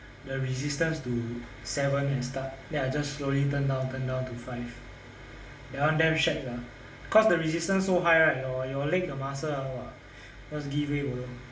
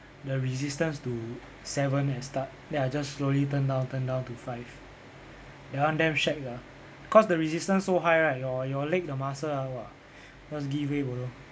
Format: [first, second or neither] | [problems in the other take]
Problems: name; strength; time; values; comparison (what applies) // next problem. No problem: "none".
second | room echo; dies away in 0.5 s